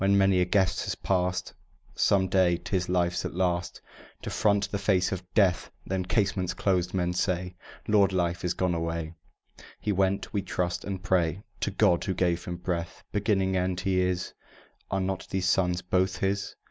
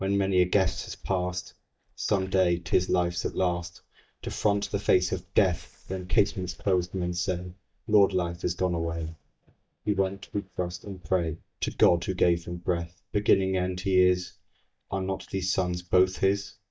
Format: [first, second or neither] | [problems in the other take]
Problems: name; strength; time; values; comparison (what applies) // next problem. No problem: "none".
first | noise reduction (neural mask model DeepFilterNet 3)